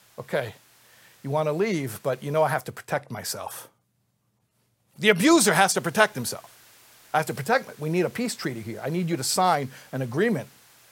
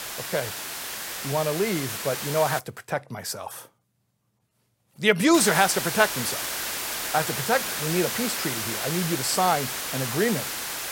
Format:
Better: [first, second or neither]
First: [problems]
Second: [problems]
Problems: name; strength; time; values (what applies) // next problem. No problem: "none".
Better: first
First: hiss; faint; until 2.5 s and from 5.5 s on; 25 dB below the speech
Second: hiss; loud; until 2.5 s and from 5.5 s on; 3 dB below the speech